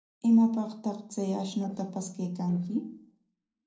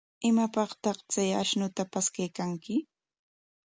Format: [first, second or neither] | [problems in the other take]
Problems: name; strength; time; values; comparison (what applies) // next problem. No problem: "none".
second | noise reduction (neural separator model SepFormer DNS4)